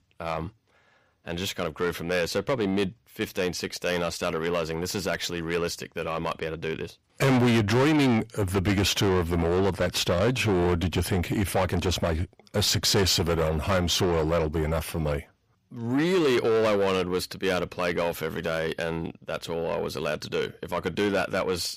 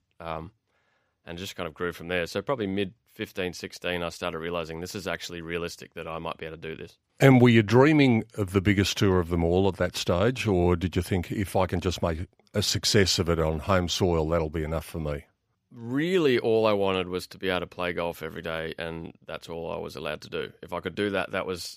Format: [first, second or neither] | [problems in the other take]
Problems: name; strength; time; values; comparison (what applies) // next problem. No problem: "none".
second | distortion; heavy; 5 dB below the speech